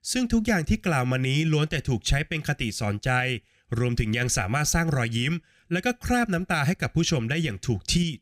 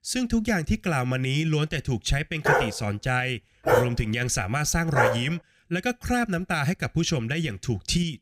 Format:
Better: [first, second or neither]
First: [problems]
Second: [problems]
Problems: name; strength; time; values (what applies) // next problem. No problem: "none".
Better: first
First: none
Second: dog barking; loud; from 2.5 to 5 s; peak 3 dB above the speech